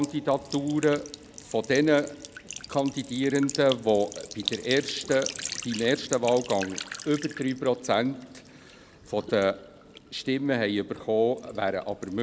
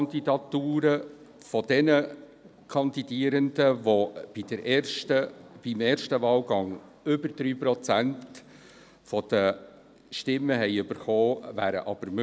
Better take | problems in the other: second | background sound (Trickle, dribble / Sink (filling or washing)); 14 dB below the speech

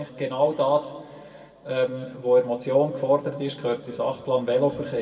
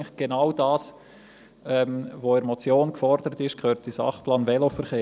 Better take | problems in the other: second | room echo; dies away in 2 s

